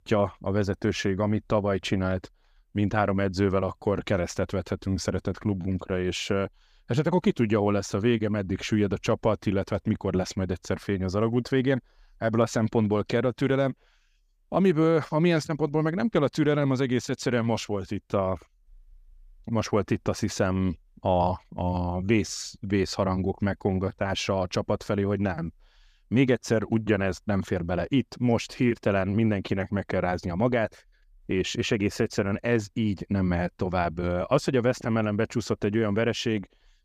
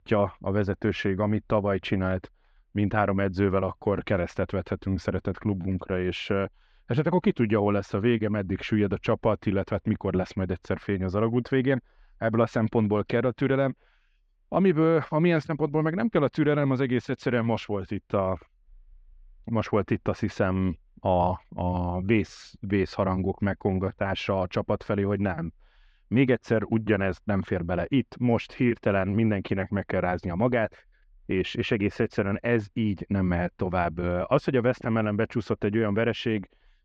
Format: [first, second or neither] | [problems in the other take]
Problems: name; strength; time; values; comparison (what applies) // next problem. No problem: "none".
first | muffled; slightly; fading above 2.5 kHz